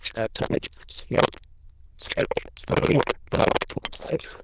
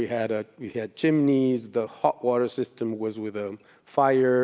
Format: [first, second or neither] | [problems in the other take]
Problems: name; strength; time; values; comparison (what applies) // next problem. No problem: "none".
second | noise reduction (neural diffusion model UNIVERSE++)